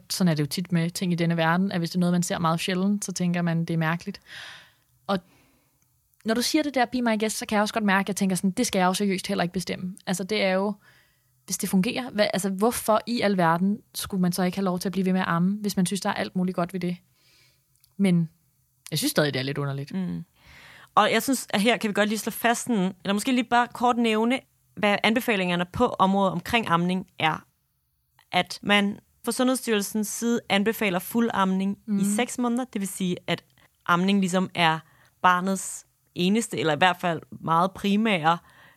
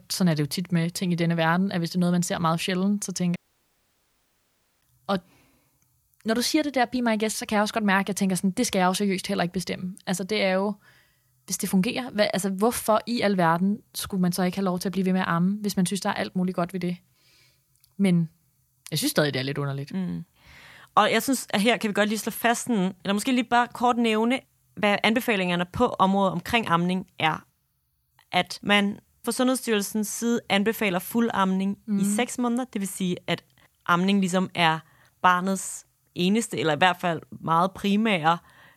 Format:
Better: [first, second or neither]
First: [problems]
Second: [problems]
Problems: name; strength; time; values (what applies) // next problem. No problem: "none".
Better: first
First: none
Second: audio cutting out; at 3.5 s for 1.5 s